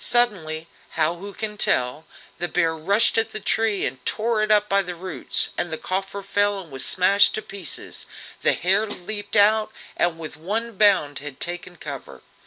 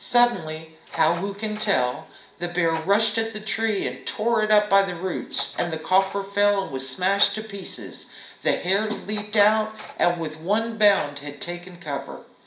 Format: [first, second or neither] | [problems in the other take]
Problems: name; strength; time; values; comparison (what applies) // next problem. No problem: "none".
first | background sound (Door); 19 dB below the speech // room echo; dies away in 0.5 s